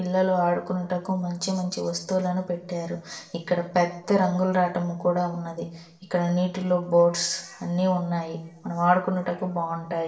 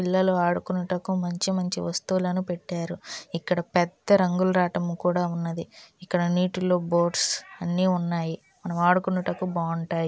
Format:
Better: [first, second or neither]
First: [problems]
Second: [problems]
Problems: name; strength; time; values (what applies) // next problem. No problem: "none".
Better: second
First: room echo; dies away in 0.8 s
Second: none